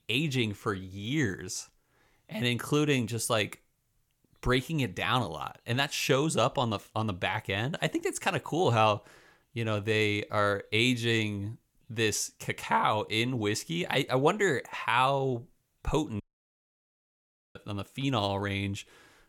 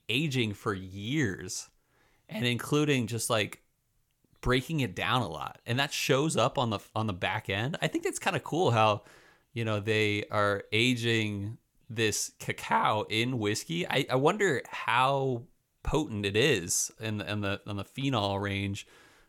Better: second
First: audio cutting out; at 16 s for 1.5 s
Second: none

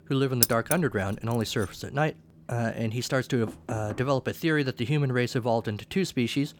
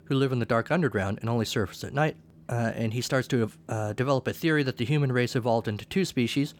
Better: second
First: jangling keys; loud; at 0.5 s; peak 4 dB above the speech // door banging; faint; at 3.5 s; peak 15 dB below the speech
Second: none

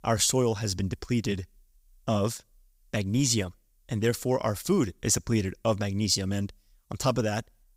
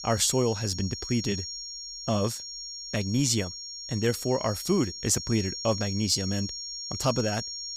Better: first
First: none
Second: high-pitched whine; loud; throughout; 5.5 kHz, 7 dB below the speech

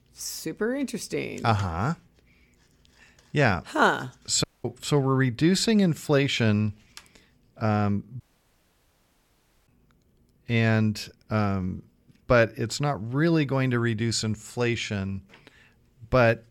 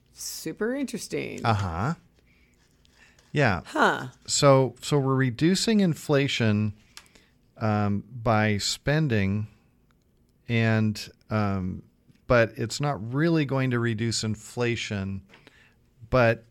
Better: second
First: audio cutting out; at 4.5 s and at 8 s for 1.5 s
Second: none

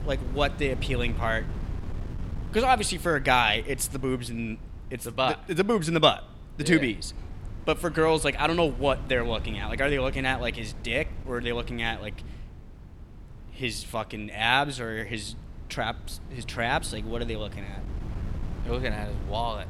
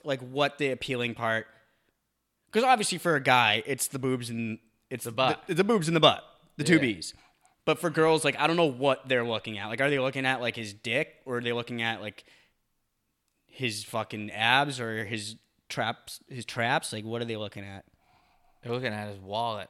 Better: second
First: wind noise on the microphone; occasional gusts; 20 dB below the speech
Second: none

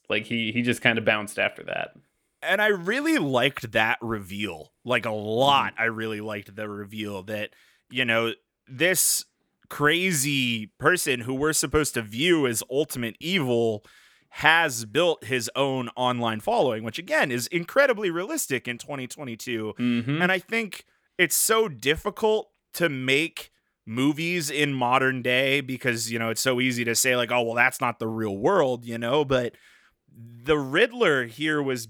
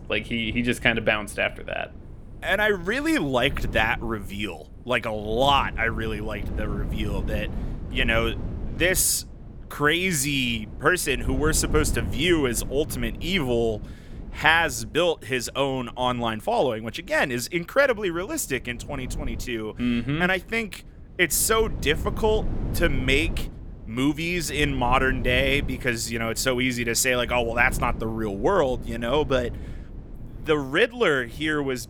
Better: first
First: none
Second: wind noise on the microphone; occasional gusts; 20 dB below the speech

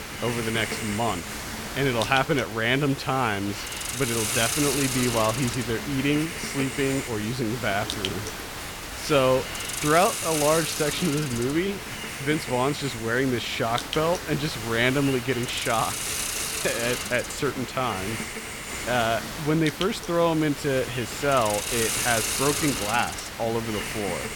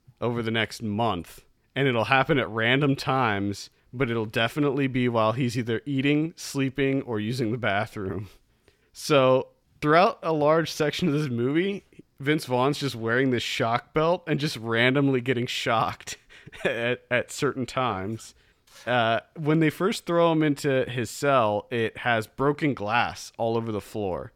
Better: second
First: hiss; loud; throughout; 4 dB below the speech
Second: none

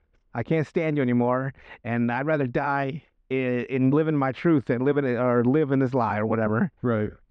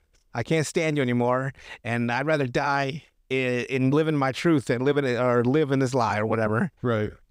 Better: second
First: muffled; very; fading above 2 kHz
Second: none

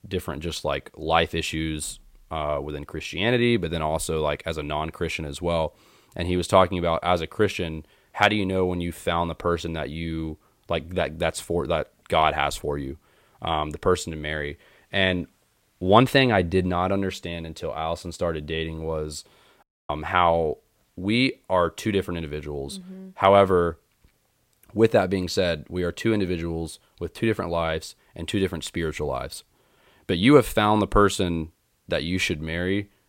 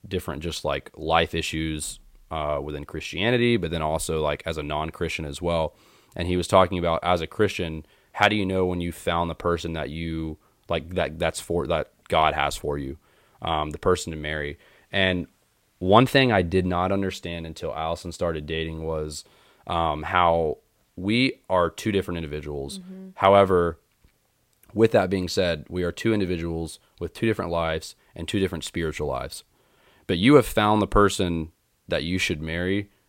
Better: second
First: audio cutting out; at 20 s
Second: none

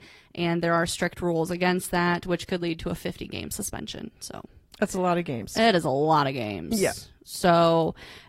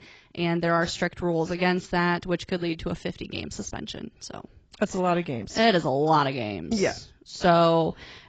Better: first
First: garbled, watery; slightly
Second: garbled, watery; badly; nothing above 7.5 kHz

